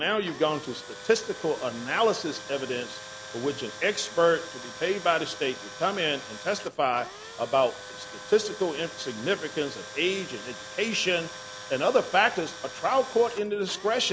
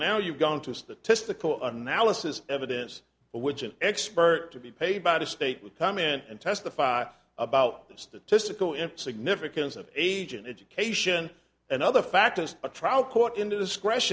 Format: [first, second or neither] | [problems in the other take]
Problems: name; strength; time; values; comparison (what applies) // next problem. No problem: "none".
second | background sound (Tools); 14 dB below the speech